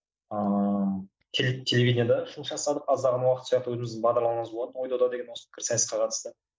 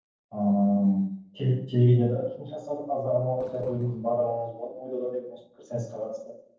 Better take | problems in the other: first | noise reduction (neural separator model SepFormer DNS4)

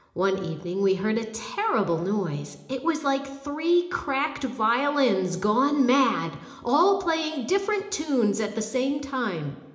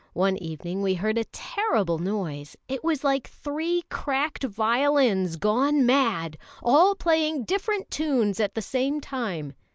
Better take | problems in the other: second | room echo; dies away in 0.8 s

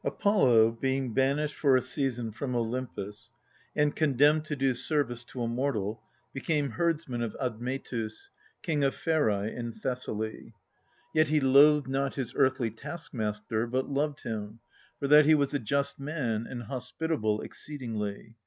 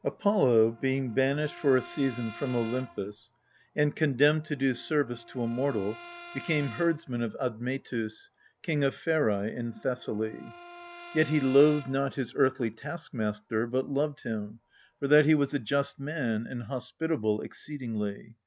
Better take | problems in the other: first | background sound (Brass instrument); 20 dB below the speech

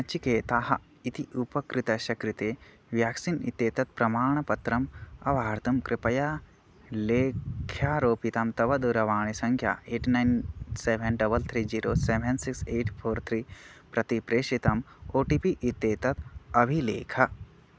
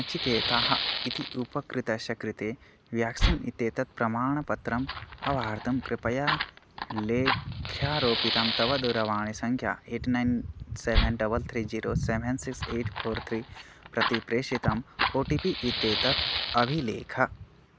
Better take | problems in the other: first | background sound (Fire); 3 dB below the speech

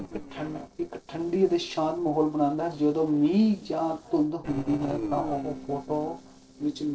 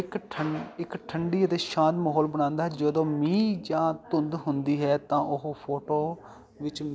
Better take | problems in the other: second | noise reduction (neural separator model SepFormer DNS4)

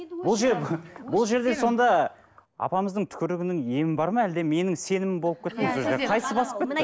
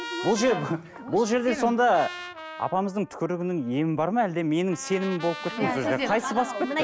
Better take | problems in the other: first | background sound (Trumpet); 15 dB below the speech

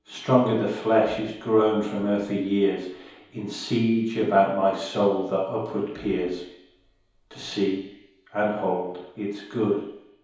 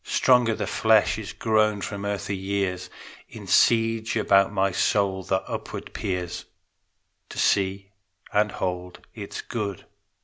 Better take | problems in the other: second | room echo; dies away in 2.2 s

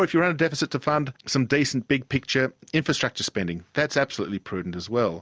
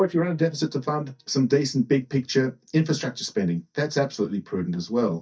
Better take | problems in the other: first | noise reduction (neural mask model DeepFilterNet 3)

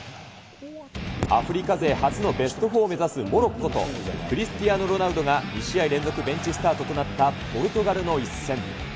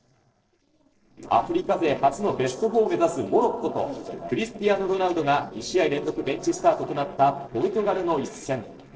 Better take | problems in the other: first | noise reduction (neural separator model SepFormer DNS4)

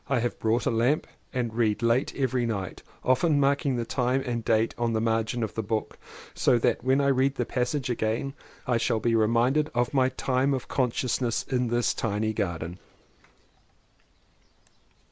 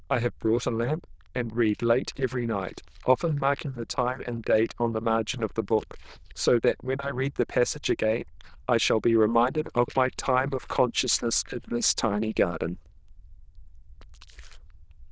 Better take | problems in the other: first | noise reduction (neural diffusion model UNIVERSE++)

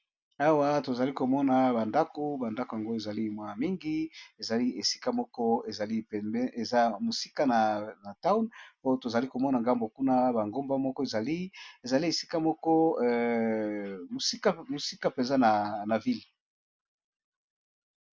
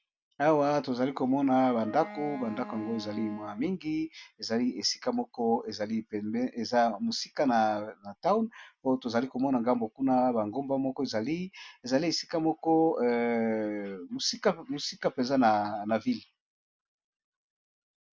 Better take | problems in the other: first | background sound (Wind instrument, woodwind instrument); 15 dB below the speech

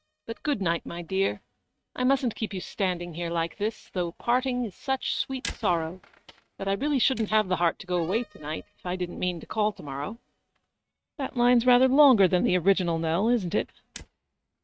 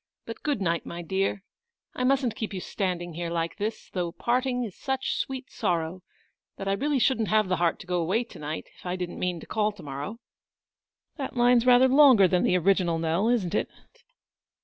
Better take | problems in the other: second | noise reduction (neural mask model RNNoise)

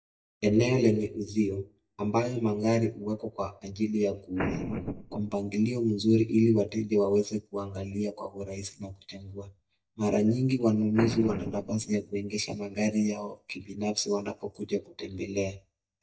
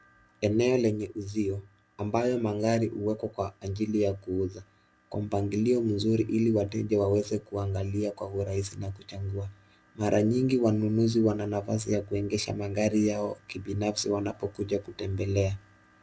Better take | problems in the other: second | noise reduction (neural mask model DeepFilterNet 3)

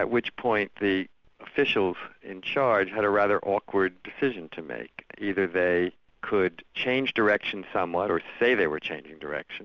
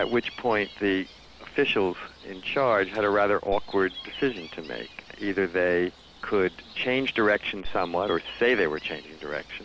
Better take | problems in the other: first | background sound (Gull, seagull); 15 dB below the speech

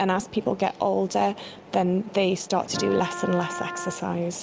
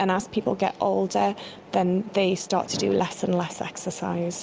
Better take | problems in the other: second | background sound (Wind instrument, woodwind instrument); 10 dB below the speech

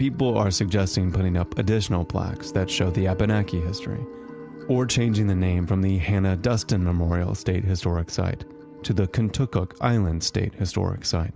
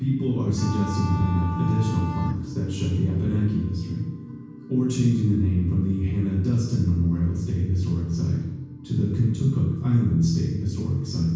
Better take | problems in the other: first | background sound (Bowed string instrument); 13 dB below the speech // room echo; dies away in 1.2 s

